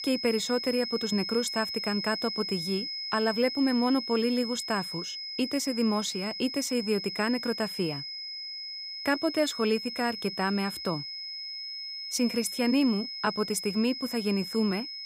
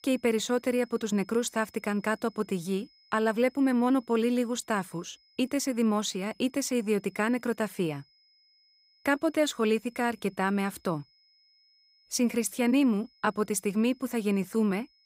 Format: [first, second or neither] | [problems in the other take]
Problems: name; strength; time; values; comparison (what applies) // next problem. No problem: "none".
second | high-pitched whine; loud; throughout; 5 kHz, 5 dB below the speech; faint in the second